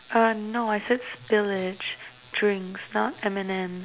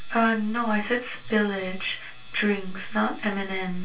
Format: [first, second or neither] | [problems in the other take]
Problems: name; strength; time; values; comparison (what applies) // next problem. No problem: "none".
first | room echo; dies away in 0.2 s